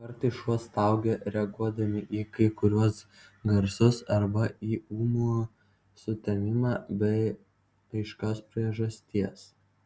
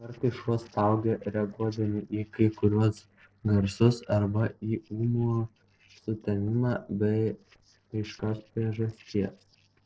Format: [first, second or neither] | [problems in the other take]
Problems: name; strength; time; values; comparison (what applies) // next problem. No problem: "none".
first | noise reduction (neural separator model SepFormer DNS4)